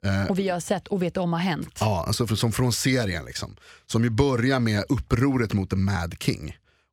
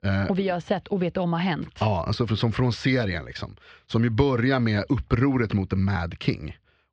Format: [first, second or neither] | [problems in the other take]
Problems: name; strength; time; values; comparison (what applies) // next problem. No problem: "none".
first | muffled; very slightly; fading above 4 kHz